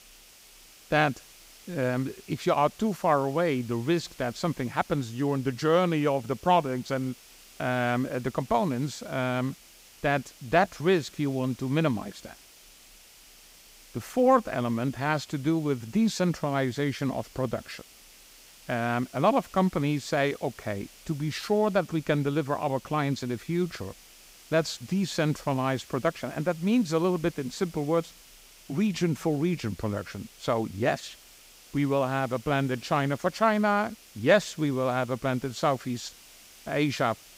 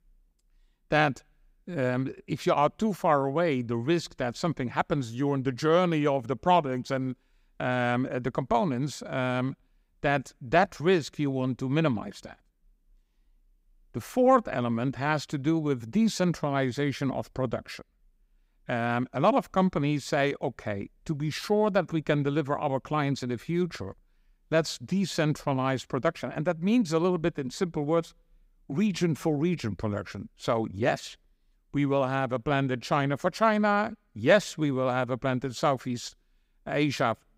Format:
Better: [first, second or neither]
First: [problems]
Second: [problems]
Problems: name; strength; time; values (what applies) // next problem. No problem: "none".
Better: second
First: hiss; faint; throughout; 20 dB below the speech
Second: none